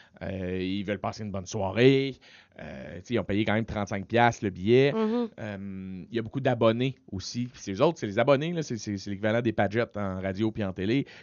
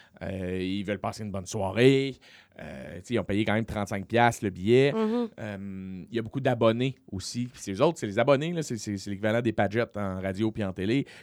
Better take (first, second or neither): second